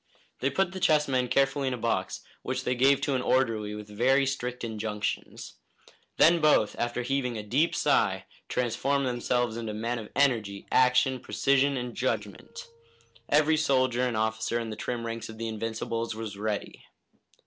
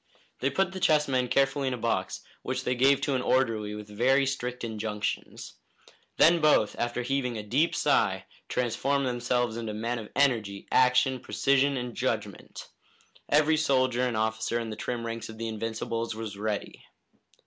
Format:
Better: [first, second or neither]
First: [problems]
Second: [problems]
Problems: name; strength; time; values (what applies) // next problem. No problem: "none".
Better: second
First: noise reduction (neural separator model SepFormer DNS4)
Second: none